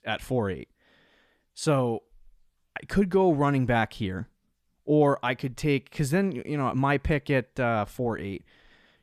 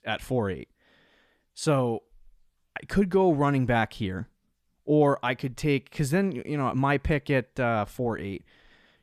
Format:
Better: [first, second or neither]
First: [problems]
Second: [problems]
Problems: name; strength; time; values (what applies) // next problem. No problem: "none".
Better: neither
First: none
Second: none